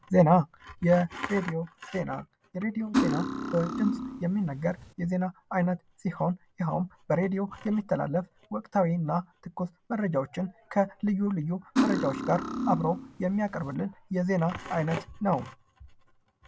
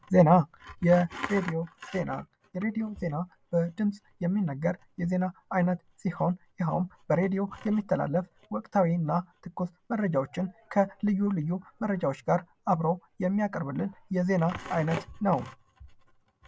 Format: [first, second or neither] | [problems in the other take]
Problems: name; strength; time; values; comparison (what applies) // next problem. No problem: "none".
second | background sound (Cutlery, silverware); 2 dB below the speech